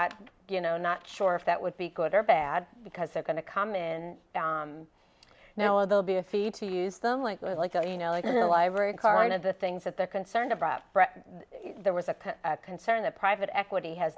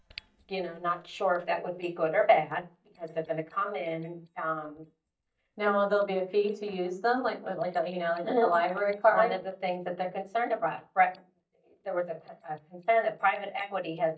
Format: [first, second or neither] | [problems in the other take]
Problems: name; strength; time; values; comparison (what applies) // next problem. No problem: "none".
first | noise reduction (neural mask model DeepFilterNet 3)